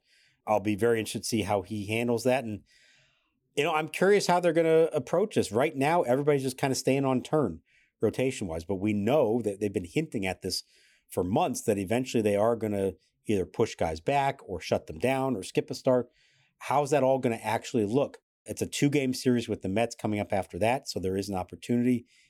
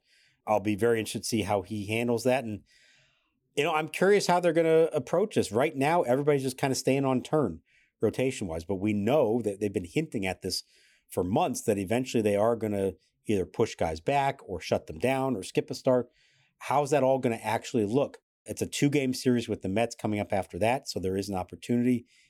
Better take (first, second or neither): neither